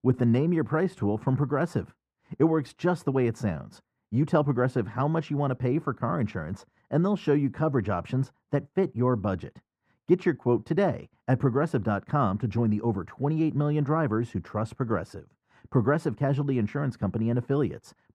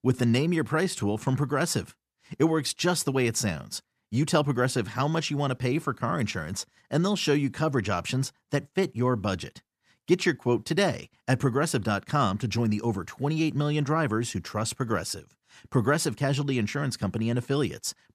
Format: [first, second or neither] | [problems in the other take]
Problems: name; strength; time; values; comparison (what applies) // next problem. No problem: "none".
second | muffled; very; fading above 2.5 kHz